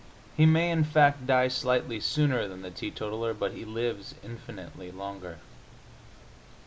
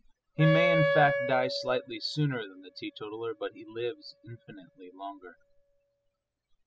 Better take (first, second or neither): first